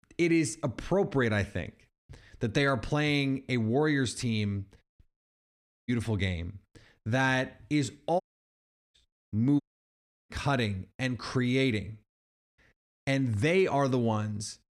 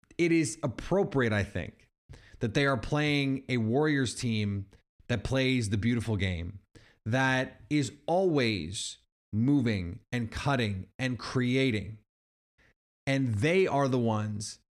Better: second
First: audio cutting out; at 5 s for 1 s, at 8 s for 0.5 s and at 9.5 s for 0.5 s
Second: none

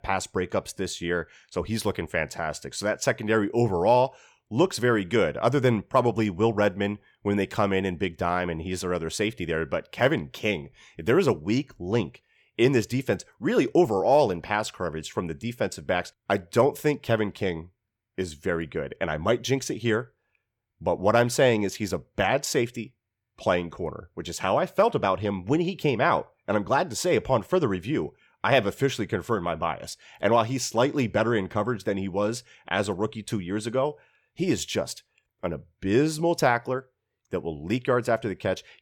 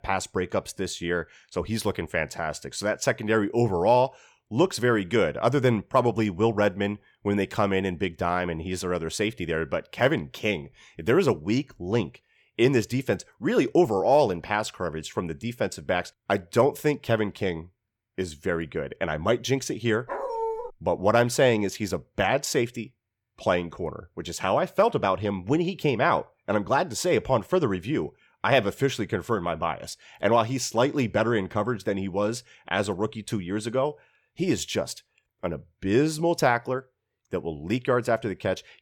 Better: first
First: none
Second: dog barking; noticeable; at 20 s; peak 4 dB below the speech

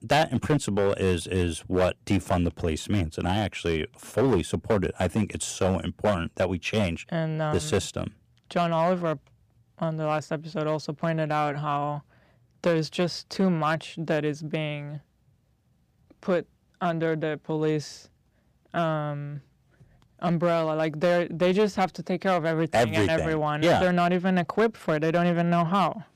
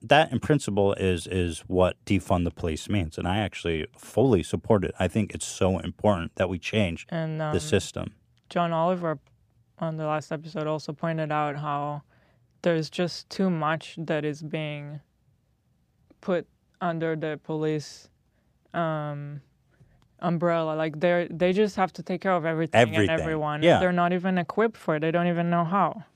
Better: second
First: distortion; slight; 4% of the sound clipped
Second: none

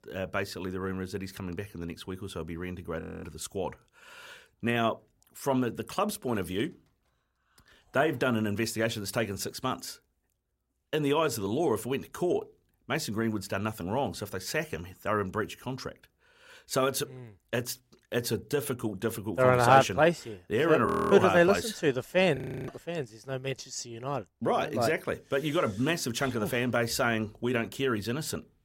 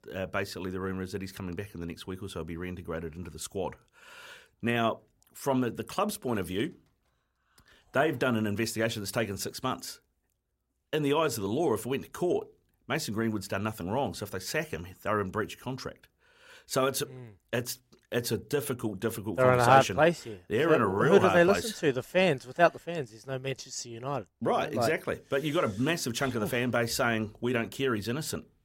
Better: second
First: audio freezing; at 3 s, at 21 s and at 22 s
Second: none

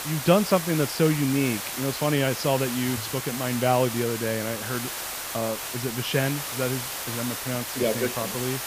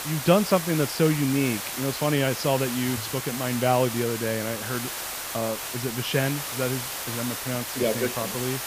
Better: neither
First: hiss; loud; throughout; 5 dB below the speech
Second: hiss; loud; throughout; 5 dB below the speech

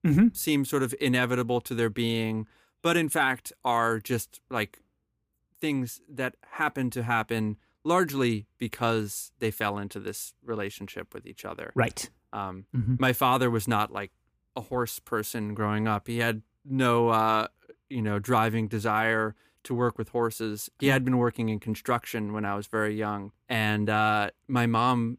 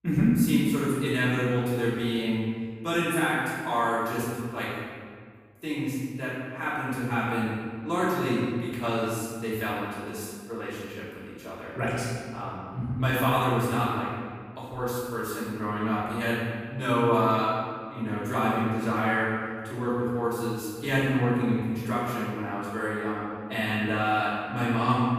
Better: first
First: none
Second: room echo; strong; dies away in 1.6 s // off-mic speech; far

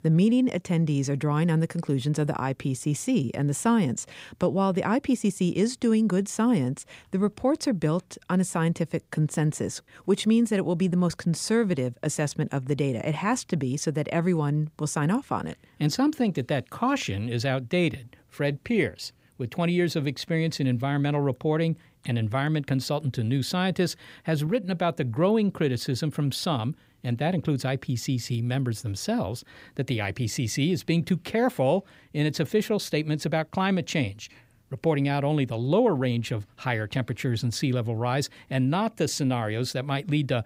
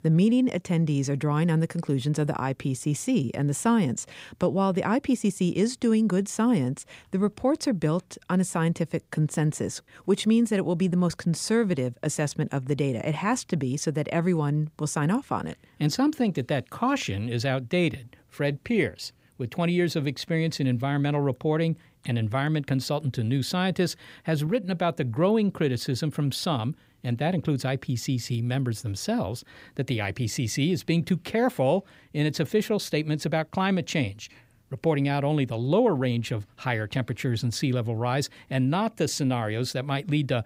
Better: neither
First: none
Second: none

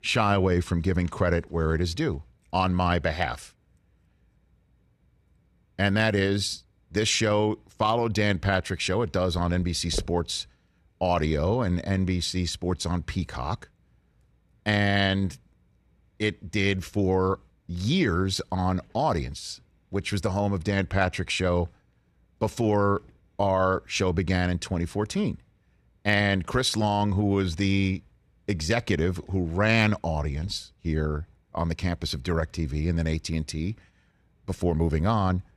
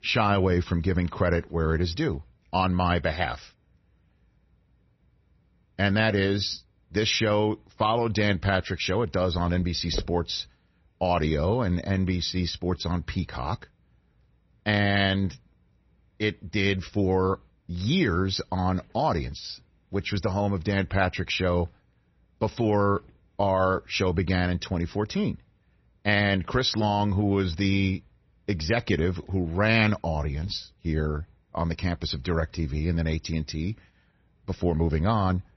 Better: first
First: none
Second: garbled, watery; slightly; nothing above 6 kHz

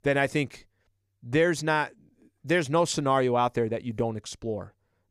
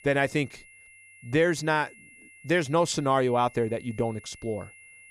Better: first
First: none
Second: high-pitched whine; faint; throughout; 2 kHz, 25 dB below the speech

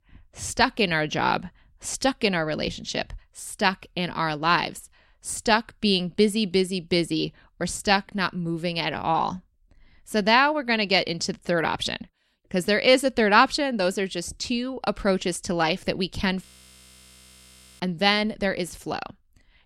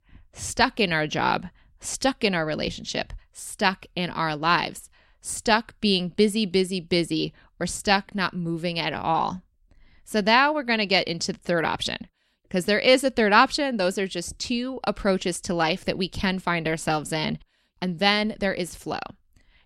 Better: second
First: audio freezing; at 16 s for 1.5 s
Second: none

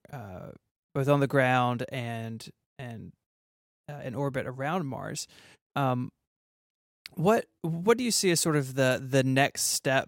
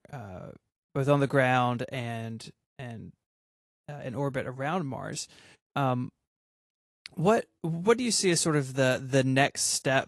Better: first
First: none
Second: garbled, watery; slightly; nothing above 11 kHz

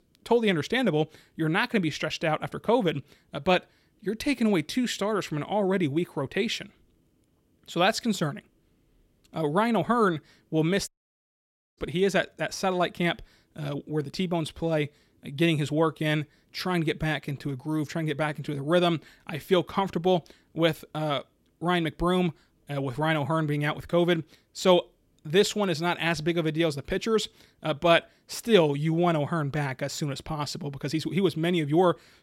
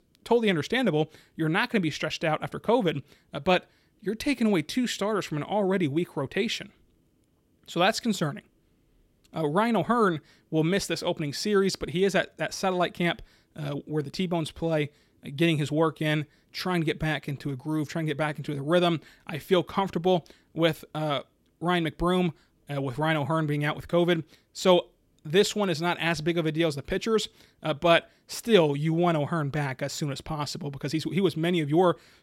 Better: second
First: audio cutting out; at 11 s for 1 s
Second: none

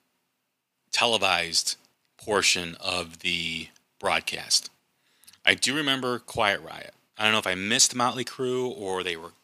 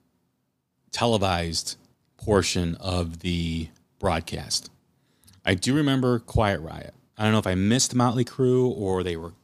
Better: second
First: thin; somewhat; fading below 1 kHz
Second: none

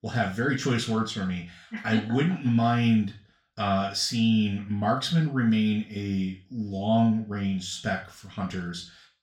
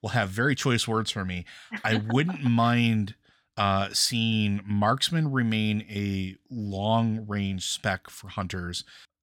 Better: second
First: room echo; slight; dies away in 0.3 s // off-mic speech; far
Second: none

